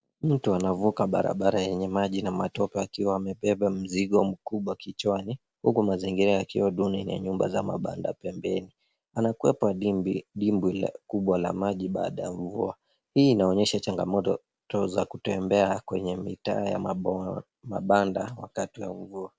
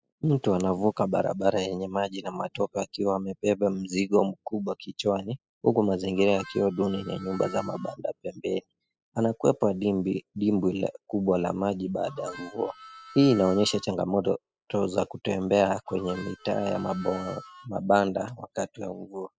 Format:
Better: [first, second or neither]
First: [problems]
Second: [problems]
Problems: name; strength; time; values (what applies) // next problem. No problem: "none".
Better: first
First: none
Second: noise reduction (classical method spectral subtraction)